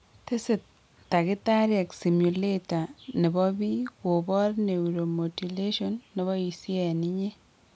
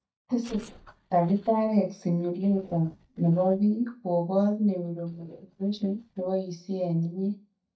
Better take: first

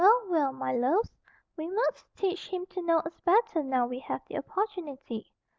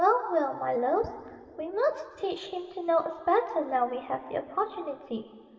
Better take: first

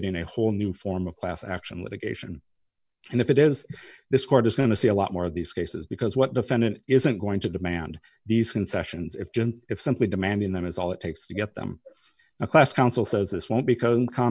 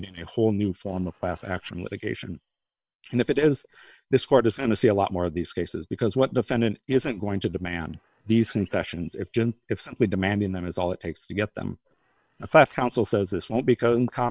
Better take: first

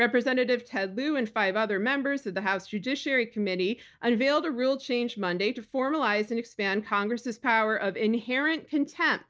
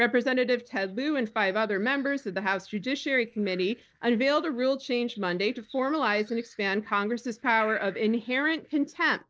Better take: first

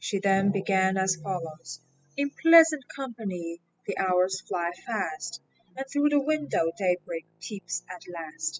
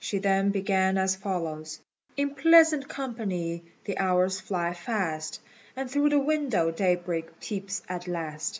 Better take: second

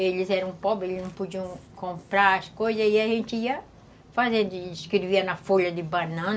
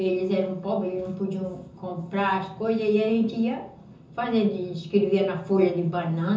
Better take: first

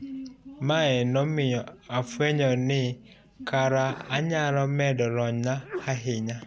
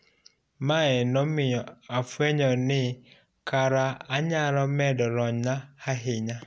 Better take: second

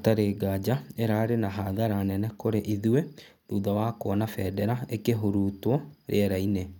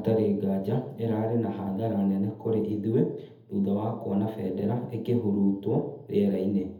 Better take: first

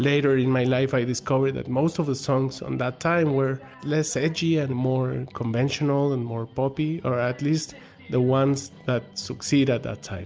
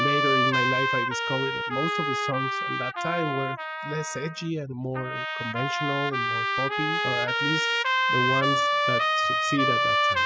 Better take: first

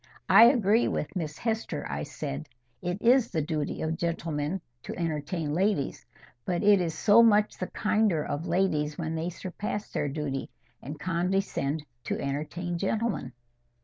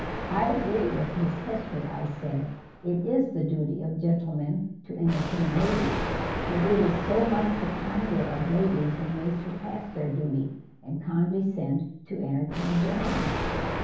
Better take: first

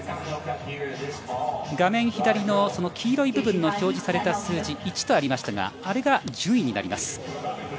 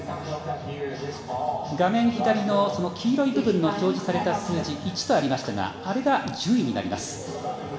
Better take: first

